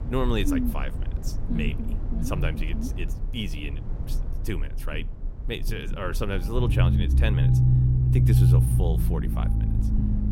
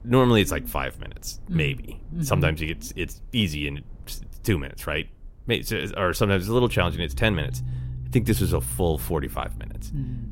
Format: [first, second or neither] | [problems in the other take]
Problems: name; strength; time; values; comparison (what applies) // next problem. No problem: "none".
second | low rumble; loud; throughout; 2 dB below the speech; faint in the second